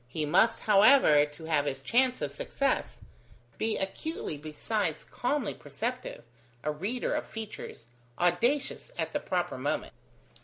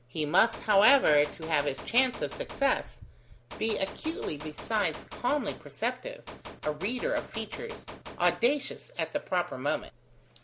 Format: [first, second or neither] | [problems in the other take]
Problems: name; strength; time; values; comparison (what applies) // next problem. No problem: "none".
first | background sound (Gunshot, gunfire); 14 dB below the speech